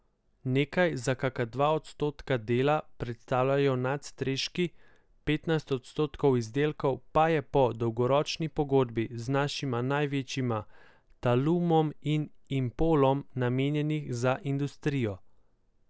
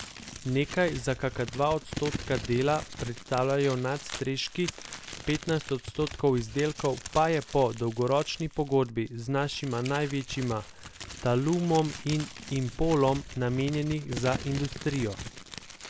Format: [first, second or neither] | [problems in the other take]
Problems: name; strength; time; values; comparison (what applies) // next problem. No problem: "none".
first | background sound (Crumpling, crinkling); 12 dB below the speech